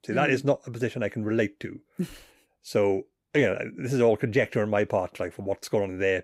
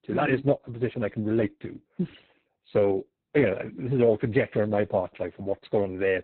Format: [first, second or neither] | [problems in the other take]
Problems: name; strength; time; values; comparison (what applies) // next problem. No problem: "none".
first | garbled, watery; badly; nothing above 4 kHz